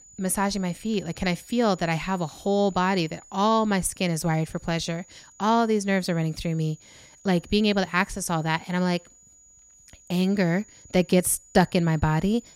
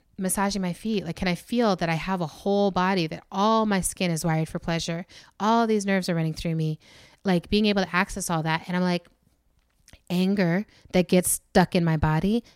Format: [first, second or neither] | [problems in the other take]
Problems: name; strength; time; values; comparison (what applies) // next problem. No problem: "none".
second | high-pitched whine; faint; throughout; 7 kHz, 25 dB below the speech